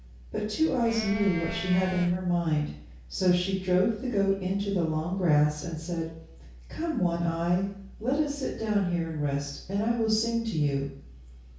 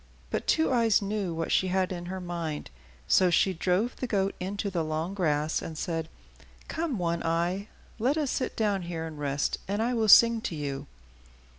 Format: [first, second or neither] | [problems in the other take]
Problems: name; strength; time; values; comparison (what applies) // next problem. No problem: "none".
second | background sound (Livestock, farm animals, working animals); 10 dB below the speech // room echo; dies away in 0.6 s